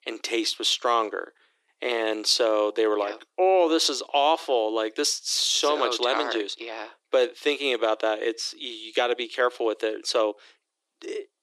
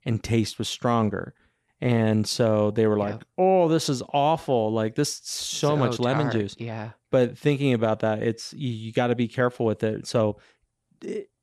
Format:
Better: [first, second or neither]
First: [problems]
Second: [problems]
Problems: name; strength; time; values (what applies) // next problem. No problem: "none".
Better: second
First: thin; very; fading below 300 Hz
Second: none